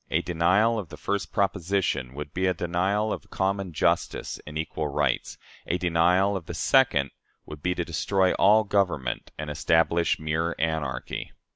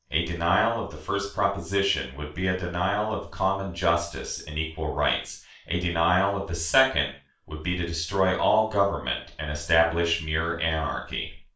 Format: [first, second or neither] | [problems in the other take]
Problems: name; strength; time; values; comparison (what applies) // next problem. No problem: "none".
first | room echo; dies away in 0.3 s